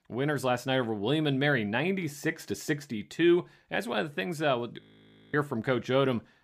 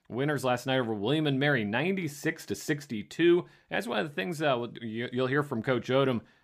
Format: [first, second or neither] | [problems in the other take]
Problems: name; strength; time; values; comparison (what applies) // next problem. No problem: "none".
second | audio freezing; at 5 s for 0.5 s